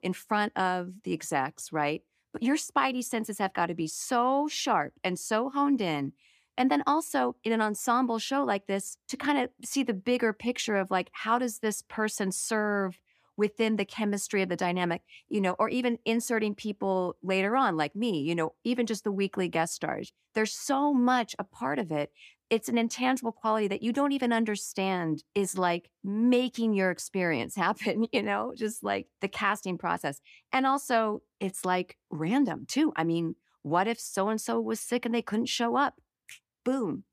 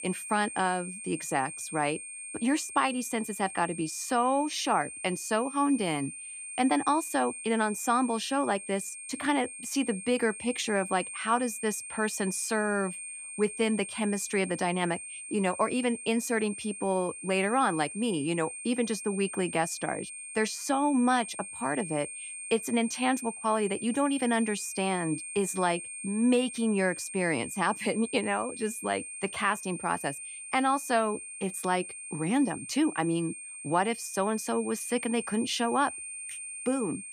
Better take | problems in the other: first | high-pitched whine; loud; throughout; 8.5 kHz, 9 dB below the speech

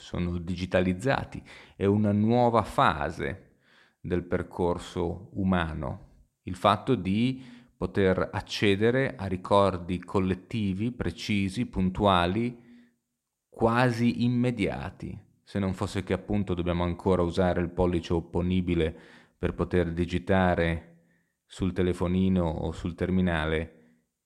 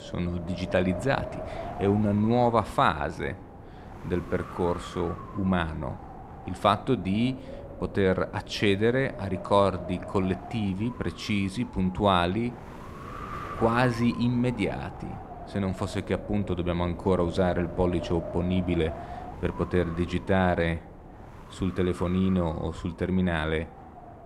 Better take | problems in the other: first | wind noise on the microphone; occasional gusts; 10 dB below the speech

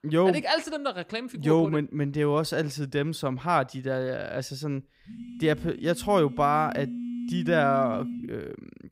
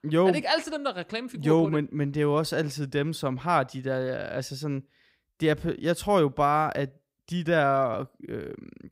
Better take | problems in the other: second | phone ringing; noticeable; from 5 to 8.5 s; peak 6 dB below the speech

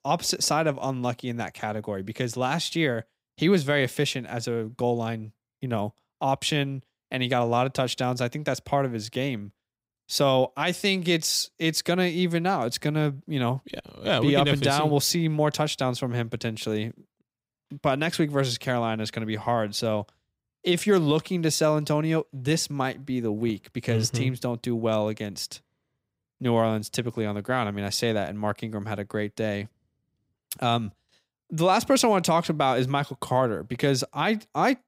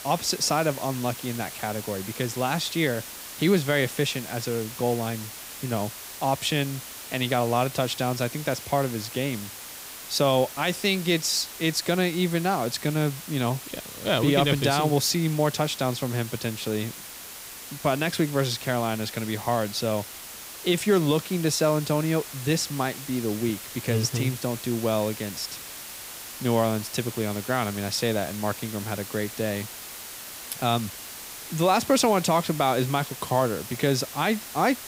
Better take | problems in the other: first | hiss; noticeable; throughout; 10 dB below the speech

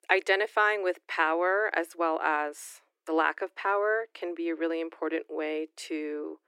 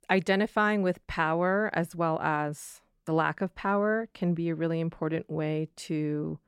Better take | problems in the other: second | thin; very; fading below 300 Hz

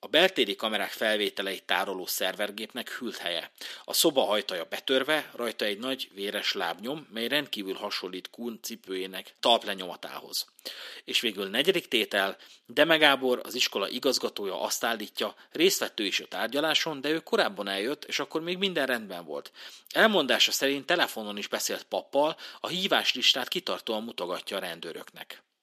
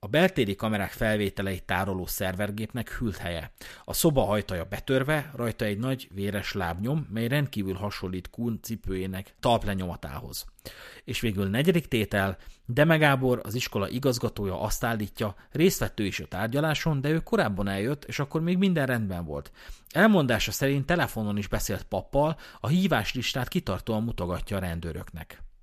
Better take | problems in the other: second | thin; somewhat; fading below 250 Hz

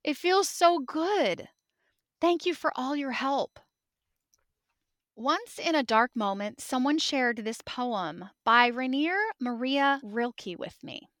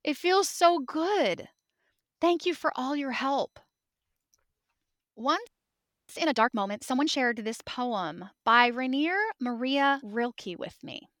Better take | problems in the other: first | audio freezing; at 5.5 s for 0.5 s

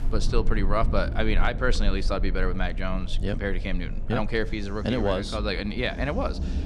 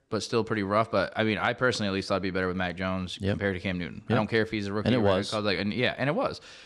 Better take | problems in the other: second | rain or running water; loud; throughout; 3 dB below the speech

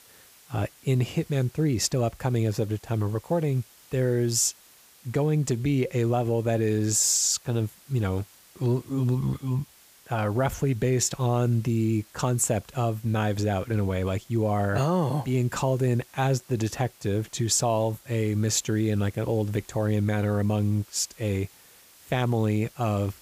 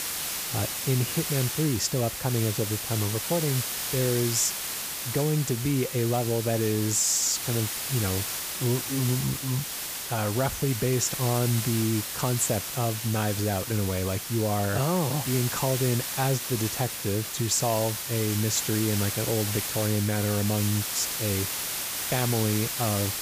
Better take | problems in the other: first | hiss; loud; throughout; 3 dB below the speech; faint in the first

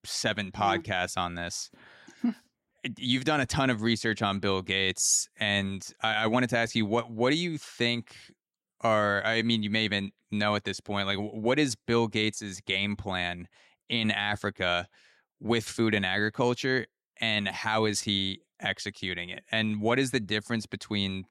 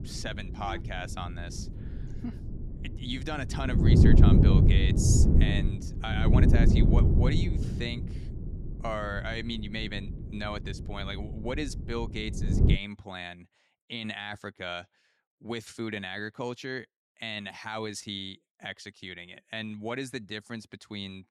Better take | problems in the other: first | wind noise on the microphone; heavy; until 13 s; 2 dB above the speech

